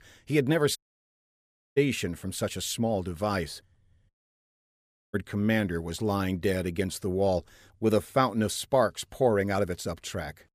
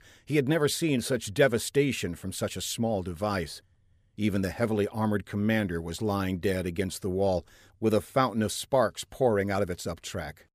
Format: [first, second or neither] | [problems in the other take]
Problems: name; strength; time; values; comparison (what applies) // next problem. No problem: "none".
second | audio cutting out; at 1 s for 1 s and at 4 s for 1 s